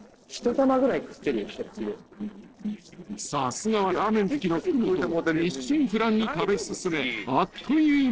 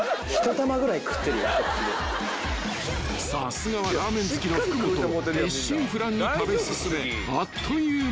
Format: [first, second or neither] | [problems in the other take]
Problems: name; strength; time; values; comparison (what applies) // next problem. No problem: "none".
second | noise reduction (neural separator model SepFormer DNS4)